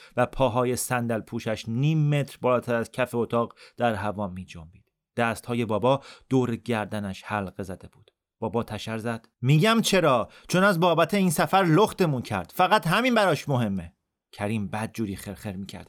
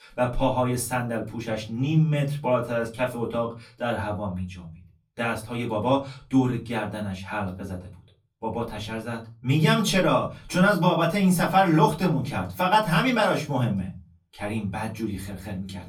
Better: first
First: none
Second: off-mic speech; far // room echo; very slight; dies away in 0.3 s

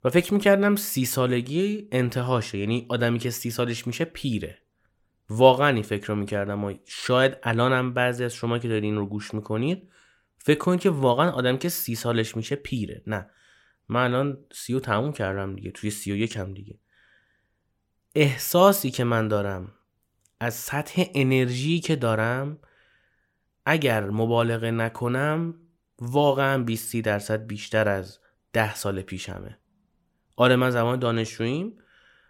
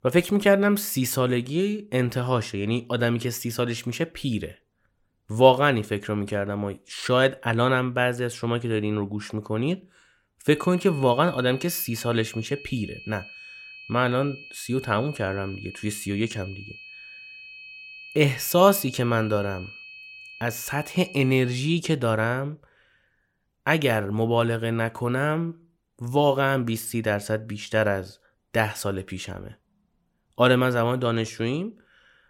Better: first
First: none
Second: high-pitched whine; noticeable; from 11 to 22 s; 2.5 kHz, 15 dB below the speech

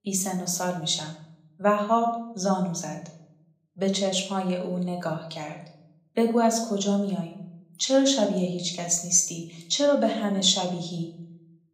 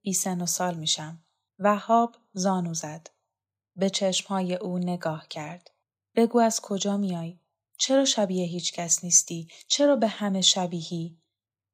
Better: second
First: room echo; slight; dies away in 0.5 s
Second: none

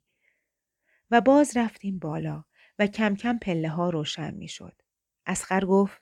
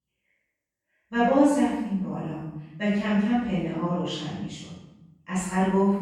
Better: first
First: none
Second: off-mic speech; far // room echo; strong; dies away in 0.8 s

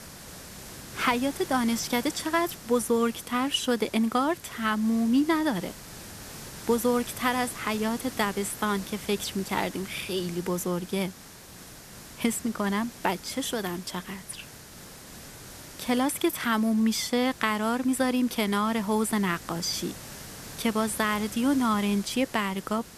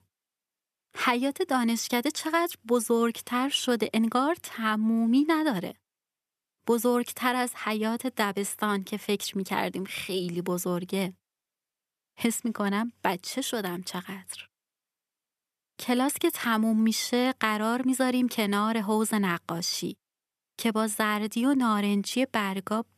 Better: second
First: hiss; noticeable; throughout; 15 dB below the speech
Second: none

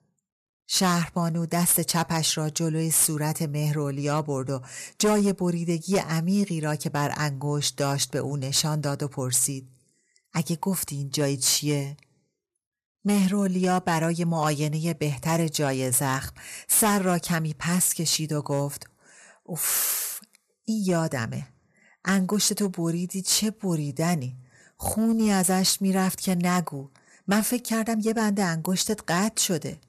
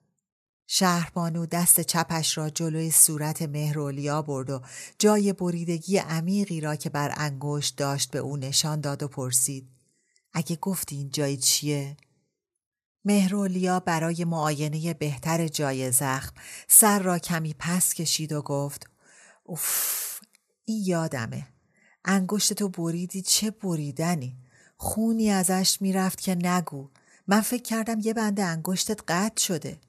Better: second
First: distortion; slight; 4% of the sound clipped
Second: none

